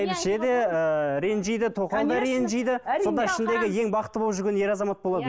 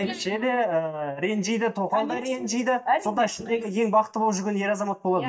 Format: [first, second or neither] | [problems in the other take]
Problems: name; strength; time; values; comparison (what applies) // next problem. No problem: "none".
first | noise reduction (neural mask model DeepFilterNet 3)